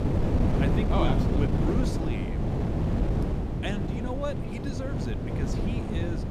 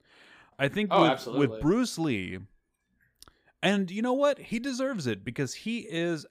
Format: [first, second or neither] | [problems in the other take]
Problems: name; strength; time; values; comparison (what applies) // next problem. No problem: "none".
second | wind noise on the microphone; heavy; 1 dB above the speech